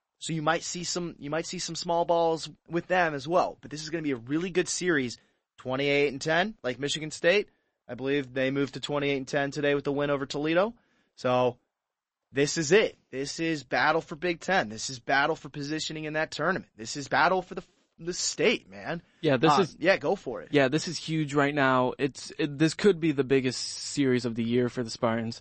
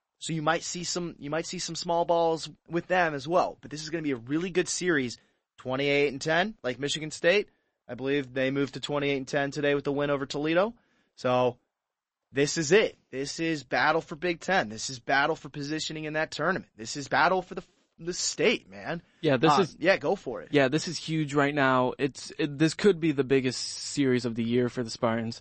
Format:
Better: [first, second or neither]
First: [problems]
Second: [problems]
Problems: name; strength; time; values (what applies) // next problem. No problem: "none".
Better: neither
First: garbled, watery; slightly; nothing above 8 kHz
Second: garbled, watery; slightly; nothing above 8 kHz